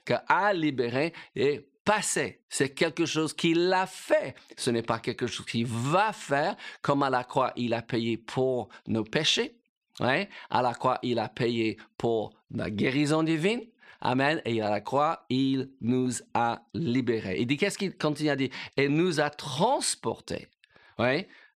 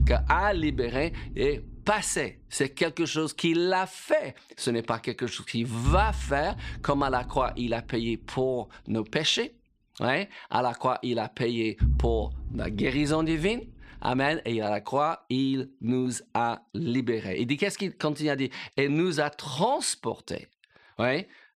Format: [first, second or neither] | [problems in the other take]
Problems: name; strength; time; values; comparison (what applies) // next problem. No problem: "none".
first | low rumble; faint; until 14 s; 20 dB below the speech